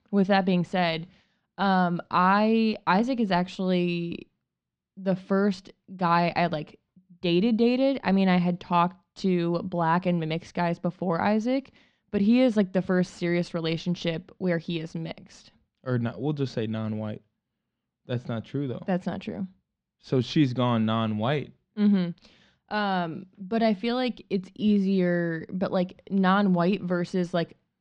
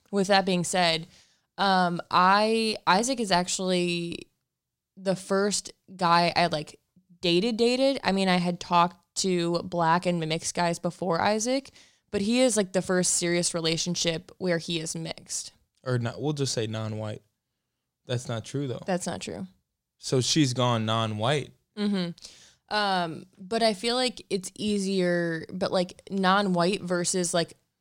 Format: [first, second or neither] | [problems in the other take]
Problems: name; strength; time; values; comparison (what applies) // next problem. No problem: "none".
second | muffled; slightly; fading above 3 kHz